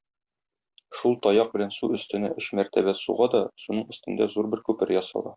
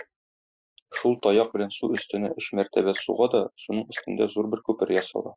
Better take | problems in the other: first | noise reduction (classical method spectral subtraction)

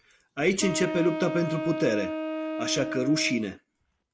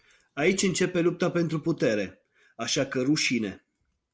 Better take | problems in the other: second | background sound (Wind instrument, woodwind instrument); 5 dB below the speech

